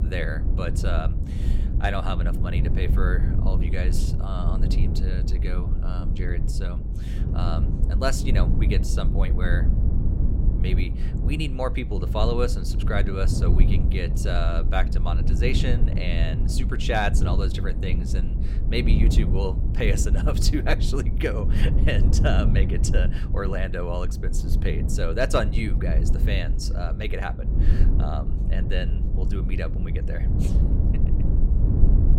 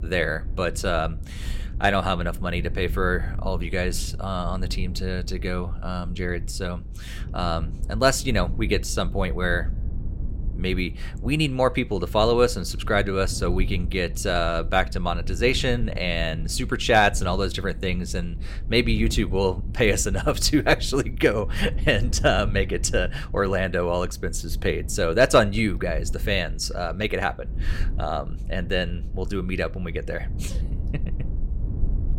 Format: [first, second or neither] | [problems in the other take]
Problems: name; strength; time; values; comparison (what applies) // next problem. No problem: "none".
second | low rumble; loud; throughout; 7 dB below the speech; faint in the second